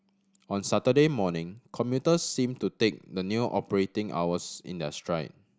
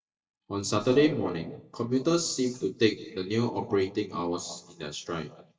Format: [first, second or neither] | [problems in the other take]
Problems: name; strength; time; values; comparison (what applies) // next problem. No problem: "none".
first | noise reduction (neural mask model DeepFilterNet 3)